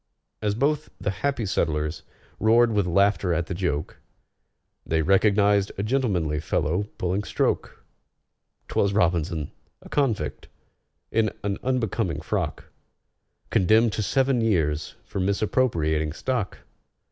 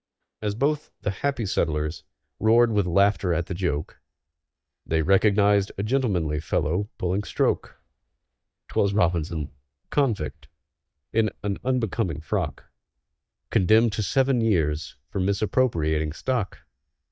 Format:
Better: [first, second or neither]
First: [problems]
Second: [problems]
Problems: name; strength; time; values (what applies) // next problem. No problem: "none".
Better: first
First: none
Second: noise reduction (neural mask model DeepFilterNet 3)